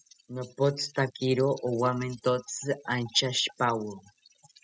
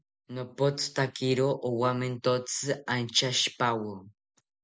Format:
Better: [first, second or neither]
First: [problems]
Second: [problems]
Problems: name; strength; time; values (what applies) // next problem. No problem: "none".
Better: second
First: noise reduction (classical method spectral subtraction)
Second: none